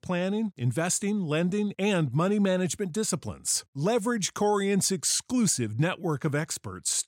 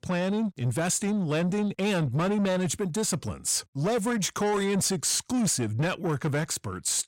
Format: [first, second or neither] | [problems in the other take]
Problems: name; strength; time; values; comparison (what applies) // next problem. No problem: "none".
first | distortion; slight; 10 dB below the speech